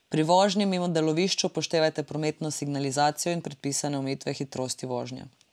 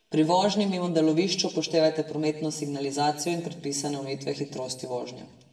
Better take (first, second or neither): first